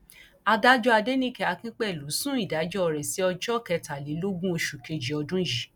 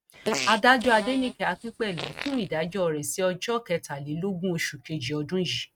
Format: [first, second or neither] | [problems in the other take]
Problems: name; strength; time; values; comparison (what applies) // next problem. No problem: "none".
first | noise reduction (neural mask model RNNoise)